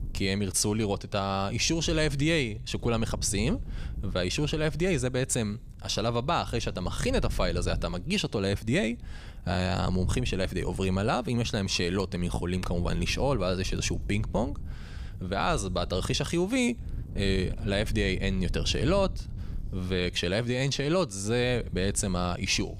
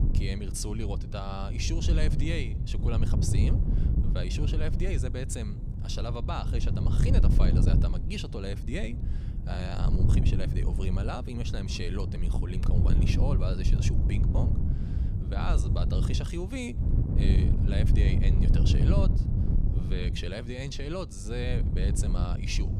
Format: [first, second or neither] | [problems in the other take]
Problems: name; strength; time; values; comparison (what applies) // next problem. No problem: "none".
first | wind noise on the microphone; heavy; 3 dB below the speech; occasional gusts in the first